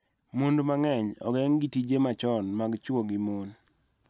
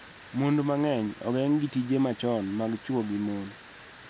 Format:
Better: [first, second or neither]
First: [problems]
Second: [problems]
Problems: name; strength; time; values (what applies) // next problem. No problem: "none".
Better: first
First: none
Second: background sound (Water); 20 dB below the speech